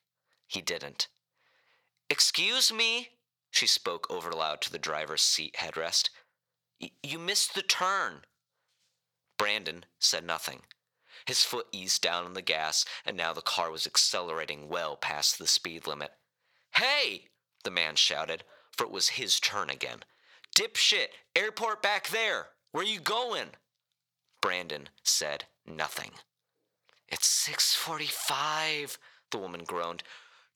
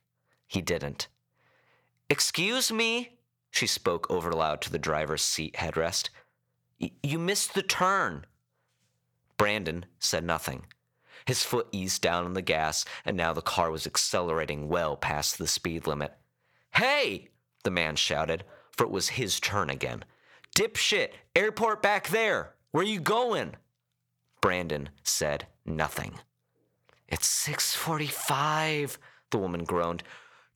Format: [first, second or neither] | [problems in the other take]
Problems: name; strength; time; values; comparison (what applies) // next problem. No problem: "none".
second | thin; somewhat; fading below 600 Hz